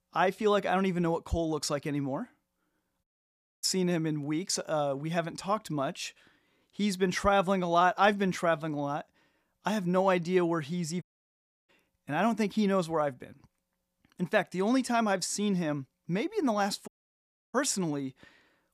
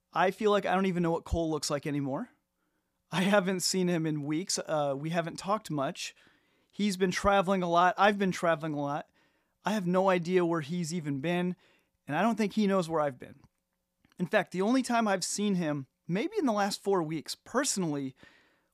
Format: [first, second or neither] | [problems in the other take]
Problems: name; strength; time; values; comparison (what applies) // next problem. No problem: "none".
second | audio cutting out; at 3 s for 0.5 s, at 11 s for 0.5 s and at 17 s for 0.5 s